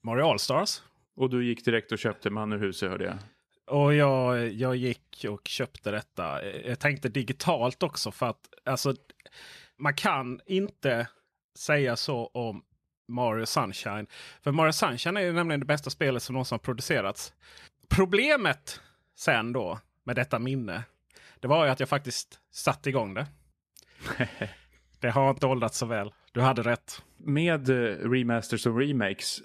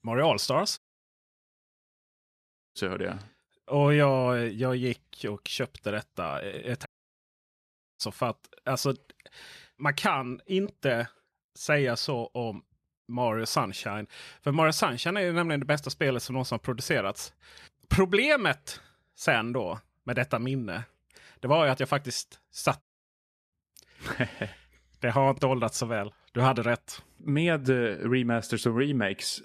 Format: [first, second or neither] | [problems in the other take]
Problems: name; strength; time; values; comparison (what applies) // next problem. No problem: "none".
first | audio cutting out; at 1 s for 2 s, at 7 s for 1 s and at 23 s for 0.5 s